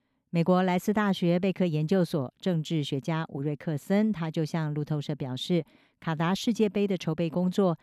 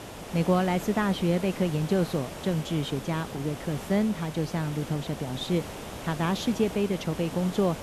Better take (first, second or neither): first